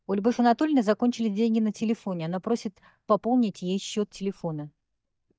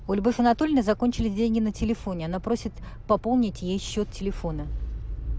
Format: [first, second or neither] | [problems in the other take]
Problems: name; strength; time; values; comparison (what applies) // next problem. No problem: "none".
second | noise reduction (neural mask model DeepFilterNet 3)